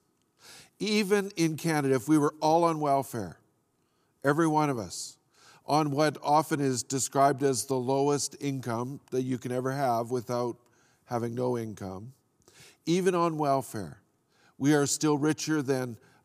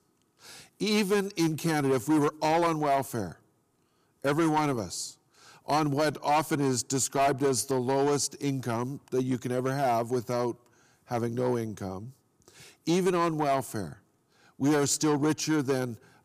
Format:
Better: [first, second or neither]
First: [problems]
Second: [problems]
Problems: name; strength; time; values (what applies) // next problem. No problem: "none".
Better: first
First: none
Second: distortion; slight; 6% of the sound clipped